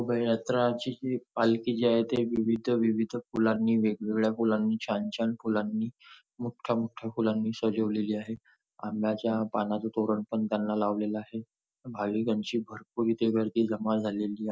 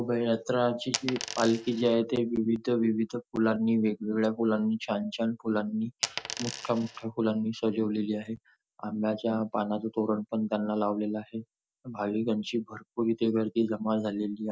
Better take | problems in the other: first | background sound (Coin (dropping)); 8 dB below the speech

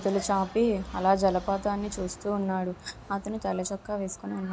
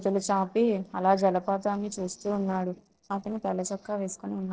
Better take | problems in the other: first | noise reduction (neural separator model SepFormer DNS4)

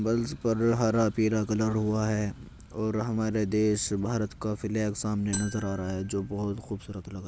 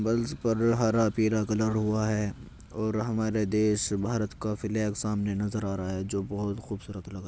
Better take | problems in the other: second | background sound (Marimba, xylophone); 9 dB below the speech

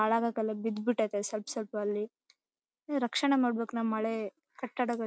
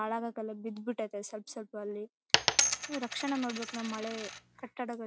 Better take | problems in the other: first | background sound (Coin (dropping)); 5 dB above the speech

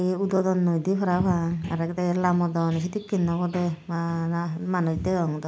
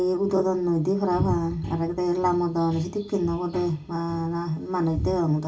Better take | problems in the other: first | room echo; dies away in 0.2 s

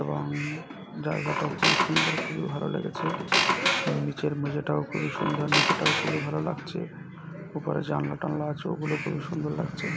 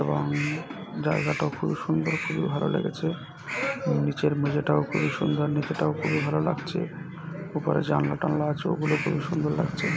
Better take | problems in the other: second | background sound (Squeak); 2 dB above the speech

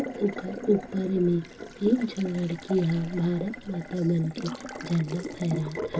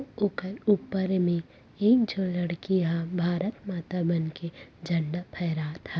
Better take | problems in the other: second | background sound (Water tap, faucet); 10 dB below the speech // room echo; dies away in 0.2 s

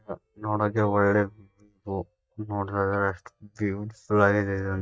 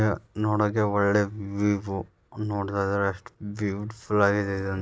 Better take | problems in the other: second | noise reduction (neural mask model DeepFilterNet 3)

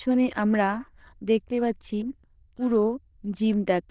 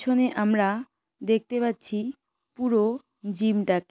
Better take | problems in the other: second | noise reduction (neural diffusion model UNIVERSE++)

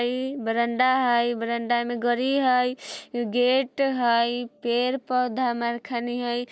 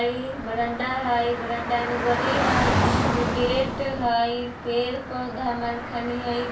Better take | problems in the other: first | background sound (Traffic noise, roadway noise / Car); 1 dB below the speech // room echo; dies away in 0.3 s

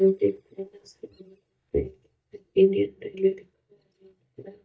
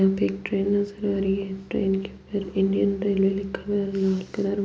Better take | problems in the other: second | noise reduction (neural mask model DeepFilterNet 3)

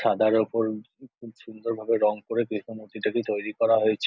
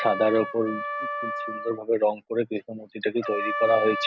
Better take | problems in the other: first | background sound (Trumpet); 6 dB below the speech

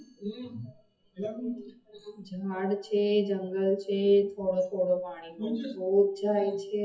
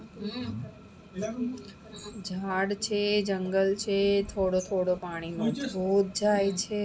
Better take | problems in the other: second | noise reduction (classical method WPE with log-MMSE)

